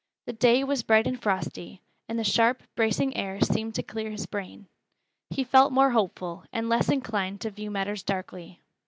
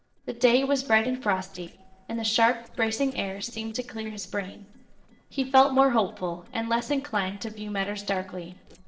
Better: first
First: none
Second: noise reduction (neural separator model SepFormer DNS4)

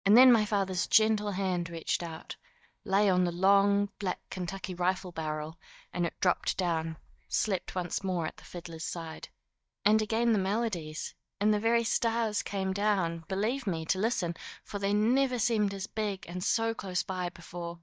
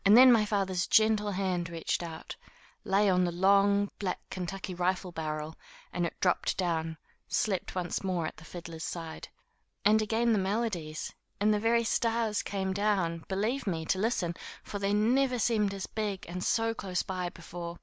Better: second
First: noise reduction (neural mask model DeepFilterNet 3)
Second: none

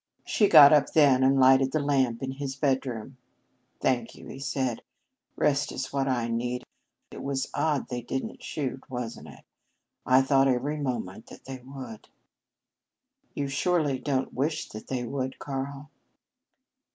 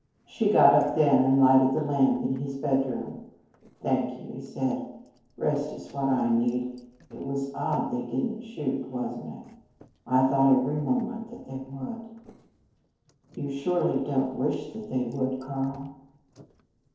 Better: first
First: none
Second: noise reduction (neural separator model SepFormer DNS4)

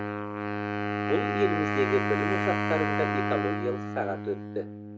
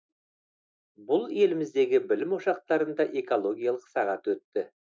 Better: second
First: background sound (Wind instrument, woodwind instrument); 2 dB above the speech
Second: none

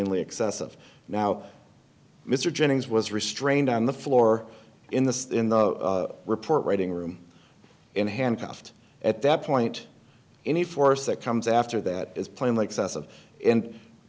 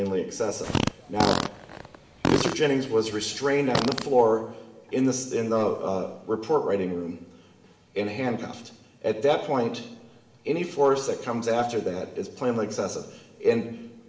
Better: first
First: none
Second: background sound (Fart); 3 dB below the speech // room echo; dies away in 1.4 s

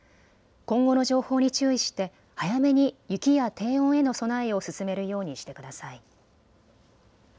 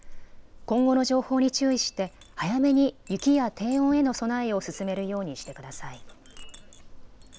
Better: first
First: none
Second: background sound (Chink, clink); 18 dB below the speech

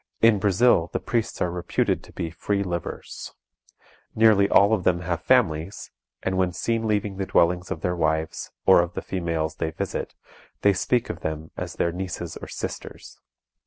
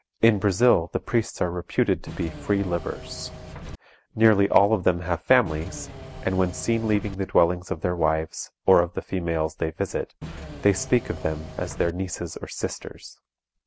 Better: first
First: none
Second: background sound (Engine / Mechanisms); 13 dB below the speech

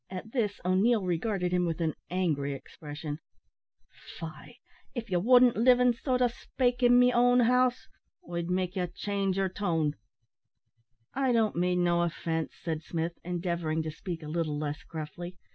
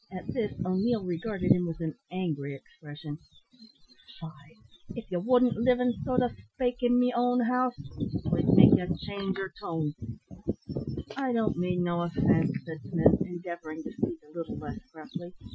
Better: first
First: none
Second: noise reduction (classical method Wiener filter)

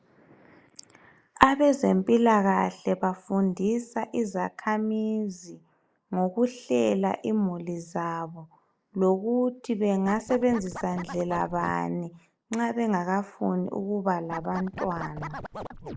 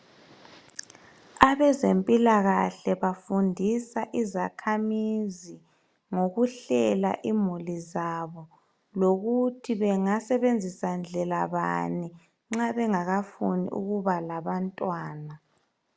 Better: second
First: noise reduction (neural mask model Resemble Enhance denoiser)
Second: none

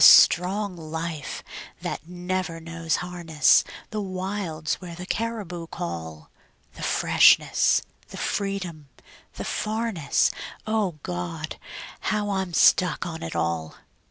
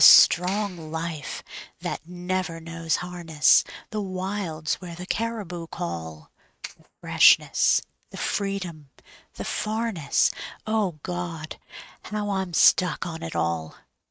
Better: first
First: none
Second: noise reduction (neural mask model RNNoise)

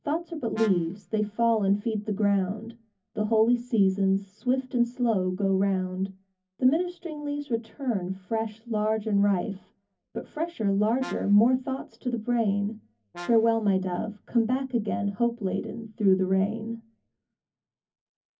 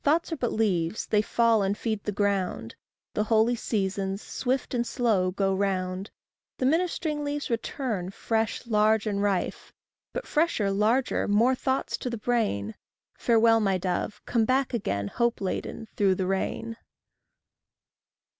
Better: second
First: background sound (Brass instrument); 19 dB below the speech // room echo; dies away in 0.3 s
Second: none

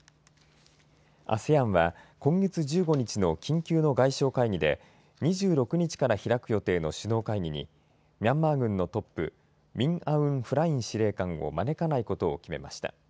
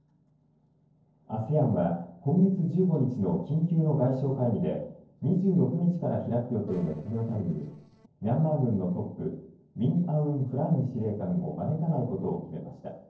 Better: first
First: none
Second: noise reduction (neural separator model SepFormer DNS4)

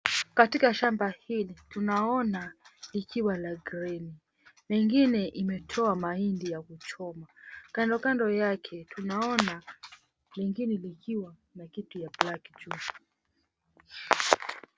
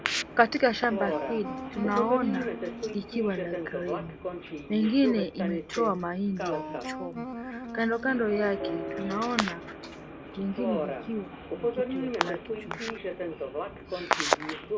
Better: first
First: none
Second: background sound (Wind instrument, woodwind instrument + Subway, metro, underground); 4 dB below the speech

